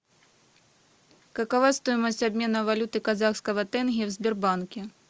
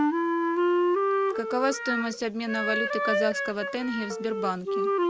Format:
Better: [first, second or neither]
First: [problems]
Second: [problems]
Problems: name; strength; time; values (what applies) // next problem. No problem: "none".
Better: first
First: none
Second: background sound (Wind instrument, woodwind instrument); 4 dB above the speech